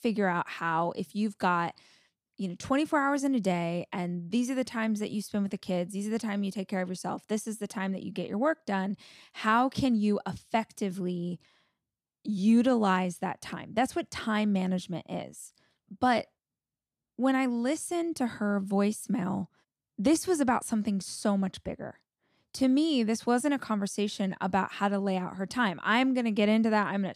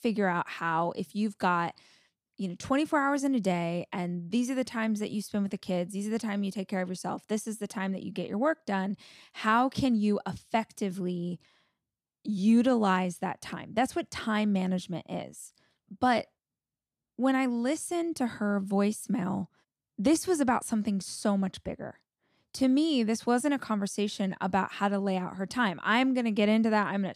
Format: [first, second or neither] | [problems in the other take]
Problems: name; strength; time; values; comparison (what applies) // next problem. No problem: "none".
neither | none